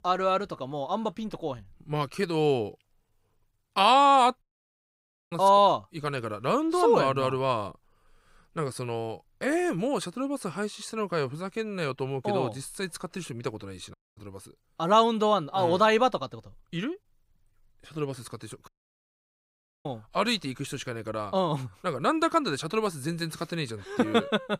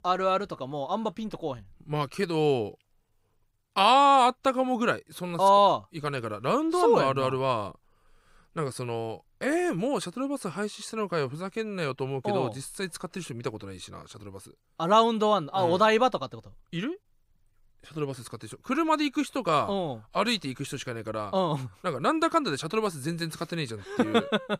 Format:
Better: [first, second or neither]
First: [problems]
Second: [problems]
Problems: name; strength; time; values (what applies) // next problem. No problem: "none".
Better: second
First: audio cutting out; at 4.5 s for 1 s, at 14 s and at 19 s for 1 s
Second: none